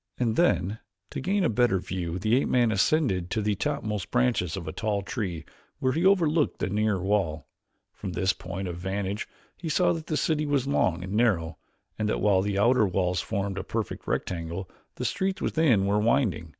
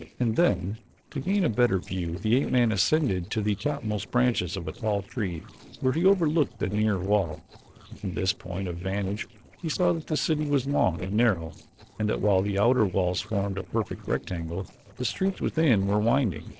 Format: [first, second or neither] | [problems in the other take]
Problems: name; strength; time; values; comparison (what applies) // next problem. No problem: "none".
first | noise reduction (neural separator model SepFormer DNS4)